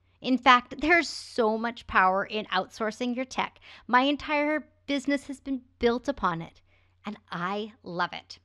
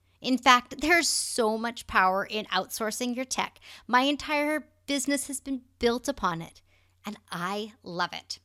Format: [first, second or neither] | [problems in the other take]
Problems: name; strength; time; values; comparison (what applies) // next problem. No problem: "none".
second | muffled; slightly; fading above 3.5 kHz